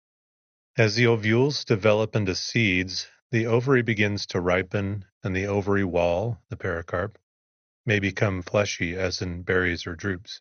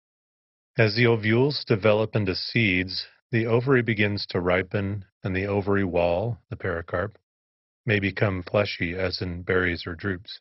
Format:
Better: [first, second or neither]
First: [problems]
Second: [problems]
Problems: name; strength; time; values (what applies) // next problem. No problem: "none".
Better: first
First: garbled, watery; slightly; nothing above 6.5 kHz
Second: garbled, watery; badly; nothing above 5.5 kHz